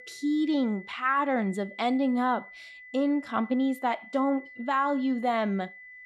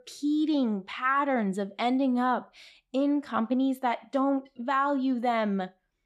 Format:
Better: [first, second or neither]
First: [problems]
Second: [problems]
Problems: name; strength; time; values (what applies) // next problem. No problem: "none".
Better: second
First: high-pitched whine; noticeable; throughout; 2 kHz, 20 dB below the speech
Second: none